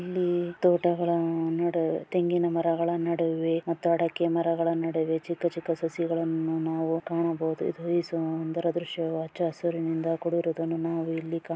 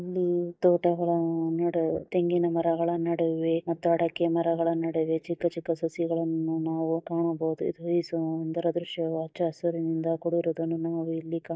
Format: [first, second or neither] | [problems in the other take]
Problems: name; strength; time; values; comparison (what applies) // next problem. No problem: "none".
first | noise reduction (neural mask model DeepFilterNet 3)